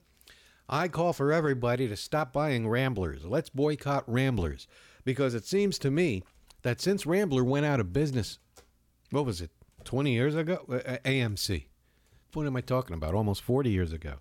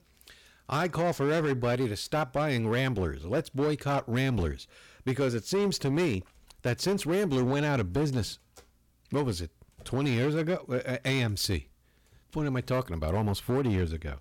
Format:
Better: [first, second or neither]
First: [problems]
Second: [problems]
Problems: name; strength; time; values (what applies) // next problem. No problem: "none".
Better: first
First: none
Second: distortion; slight; 10% of the sound clipped